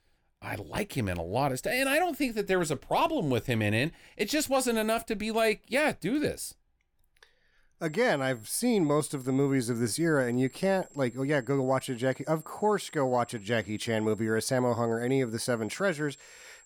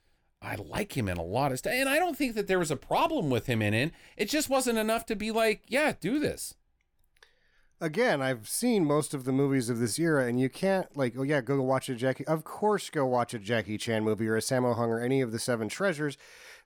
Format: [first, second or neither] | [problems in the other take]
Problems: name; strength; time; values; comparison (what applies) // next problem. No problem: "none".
second | high-pitched whine; faint; from 8 s on; 7.5 kHz, 25 dB below the speech